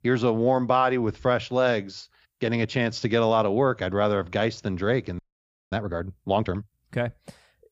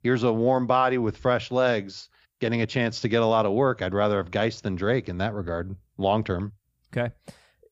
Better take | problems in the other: second | audio freezing; at 5 s for 0.5 s

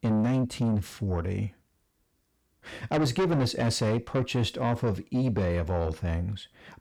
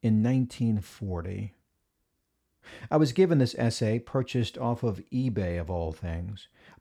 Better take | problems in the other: second | distortion; heavy; 7 dB below the speech

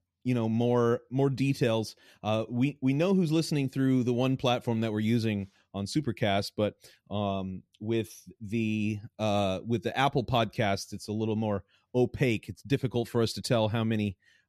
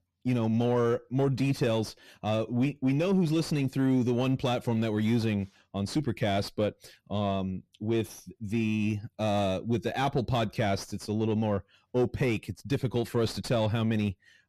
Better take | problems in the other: first | distortion; slight; 10 dB below the speech

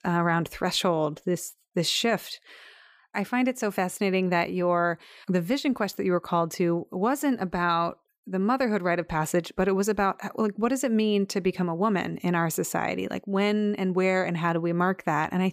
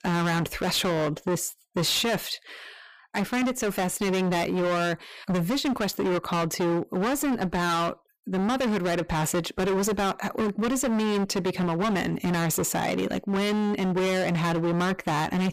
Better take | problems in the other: first | distortion; heavy; 31% of the sound clipped

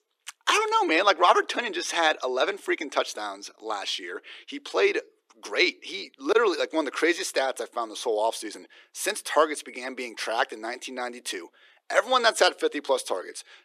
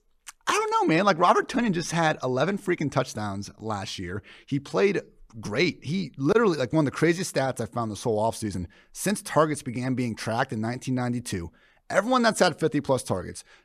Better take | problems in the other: second | thin; very; fading below 350 Hz

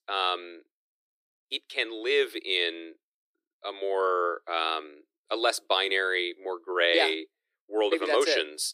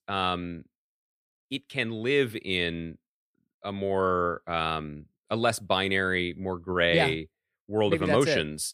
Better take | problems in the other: second | thin; very; fading below 300 Hz

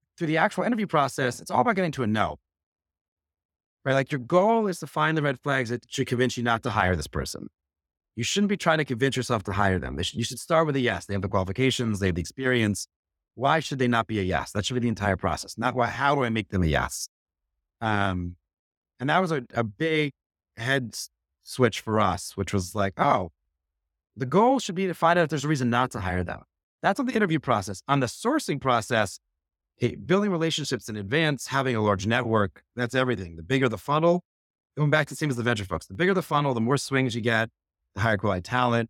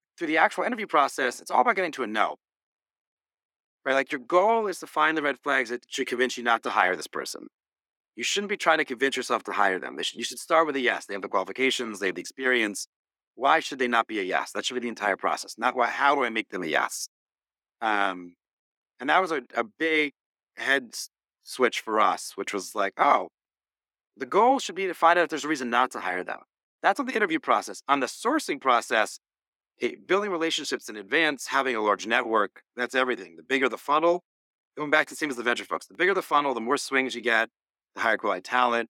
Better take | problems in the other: first | thin; somewhat; fading below 300 Hz

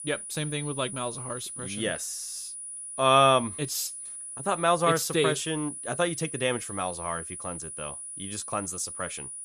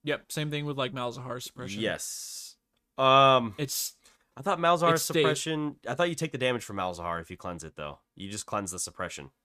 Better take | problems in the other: second | high-pitched whine; loud; throughout; 10 kHz, 8 dB below the speech

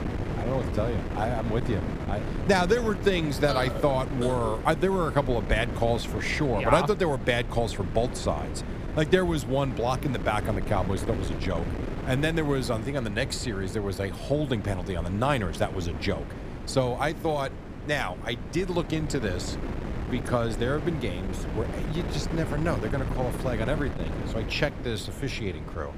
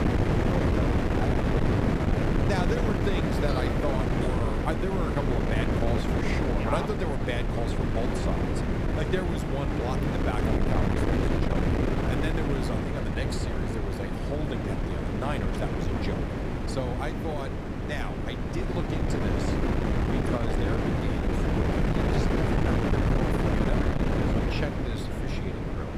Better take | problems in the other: first | wind noise on the microphone; heavy; 4 dB above the speech; occasional gusts in the first

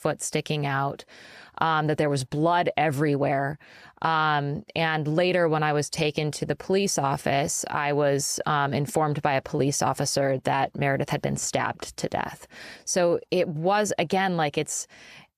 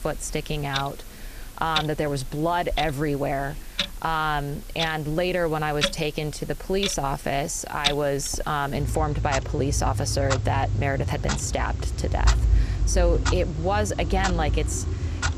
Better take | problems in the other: first | household noises; loud; throughout; 1 dB below the speech

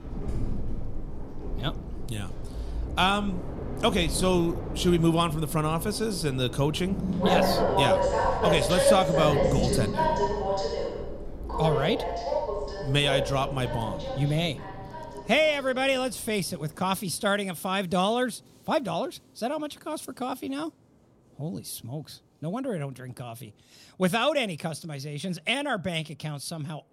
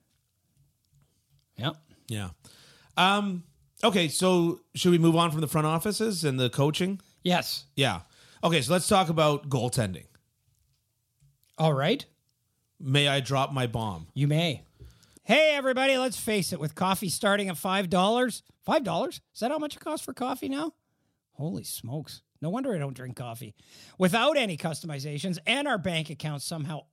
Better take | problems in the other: second | train or aircraft noise; loud; throughout; 2 dB below the speech

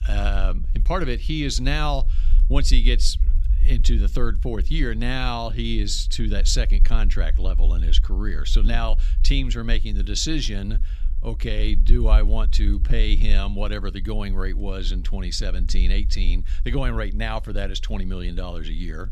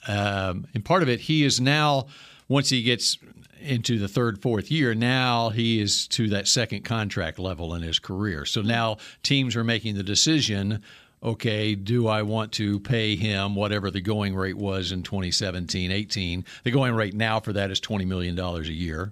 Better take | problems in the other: second | low rumble; noticeable; throughout; 20 dB below the speech

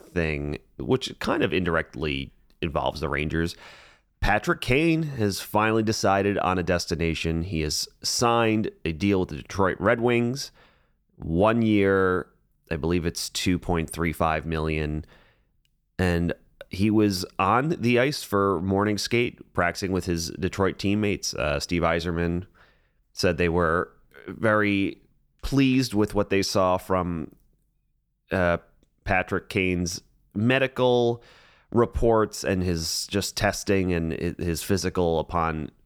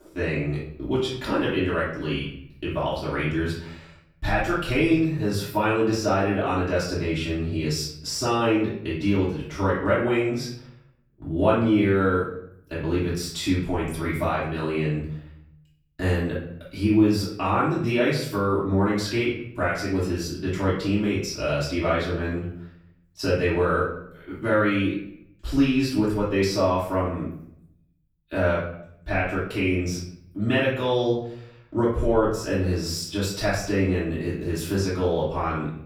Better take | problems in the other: first | room echo; noticeable; dies away in 0.6 s // off-mic speech; far

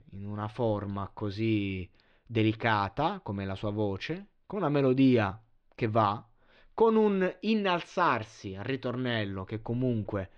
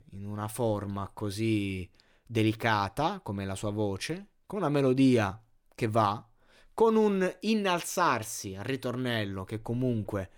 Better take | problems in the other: second | muffled; slightly; fading above 4 kHz

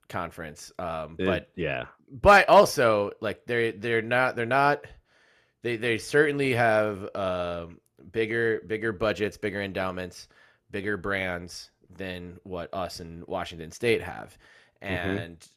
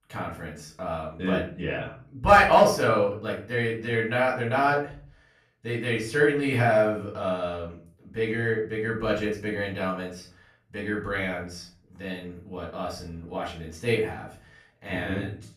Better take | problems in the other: first | room echo; slight; dies away in 0.4 s // off-mic speech; far

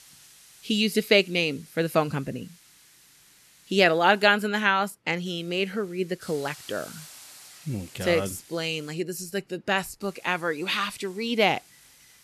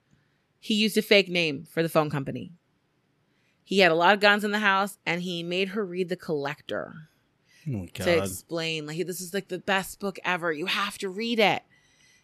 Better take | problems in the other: second | hiss; faint; until 4.5 s, from 5.5 to 9 s and from 10 s on; 25 dB below the speech

